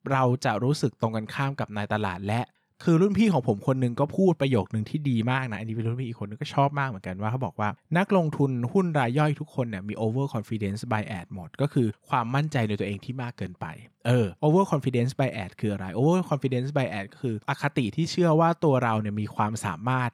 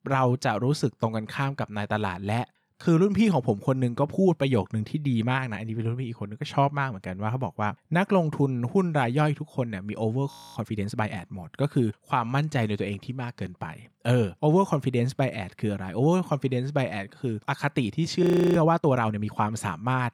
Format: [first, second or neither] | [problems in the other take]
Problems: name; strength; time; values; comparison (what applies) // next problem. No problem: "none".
first | audio freezing; at 10 s and at 18 s